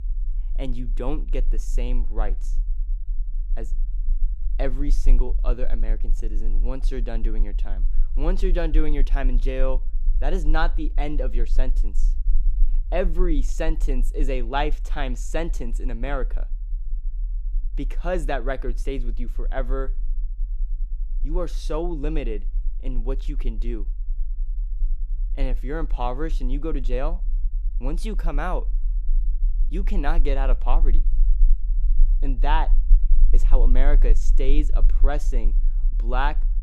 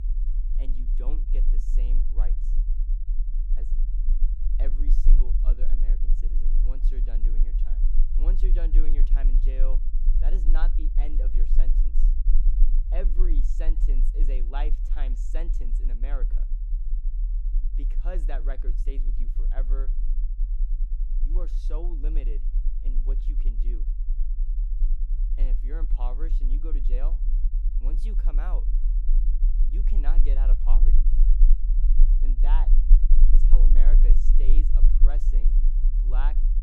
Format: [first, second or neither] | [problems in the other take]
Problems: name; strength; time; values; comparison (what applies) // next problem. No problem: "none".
first | low rumble; loud; throughout; 8 dB below the speech; faint in the first